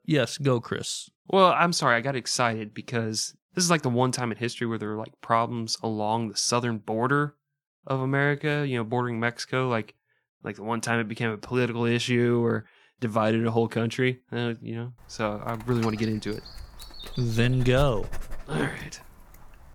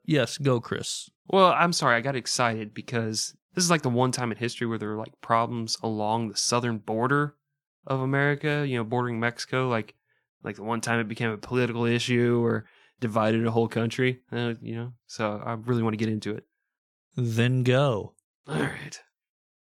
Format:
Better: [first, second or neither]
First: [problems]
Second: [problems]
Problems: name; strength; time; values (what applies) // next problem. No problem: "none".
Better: second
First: dog barking; faint; from 15 to 19 s; peak 10 dB below the speech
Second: none